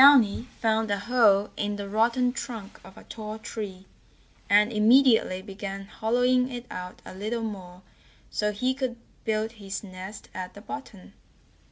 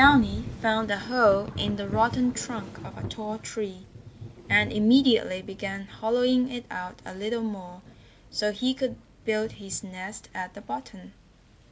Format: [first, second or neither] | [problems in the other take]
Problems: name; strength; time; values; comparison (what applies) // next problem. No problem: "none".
first | background sound (Thunder / Rain); 14 dB below the speech